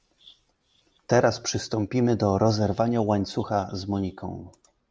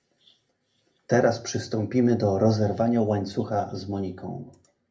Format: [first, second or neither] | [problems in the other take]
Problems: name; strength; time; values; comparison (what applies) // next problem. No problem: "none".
first | room echo; dies away in 0.3 s